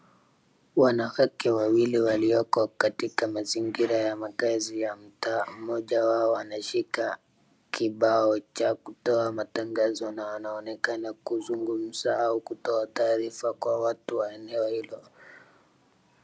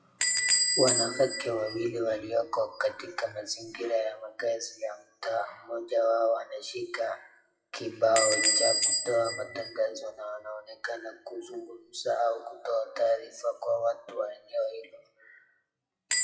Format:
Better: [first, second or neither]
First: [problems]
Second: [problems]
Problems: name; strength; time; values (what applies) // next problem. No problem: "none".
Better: first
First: none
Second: noise reduction (classical method WPE with log-MMSE)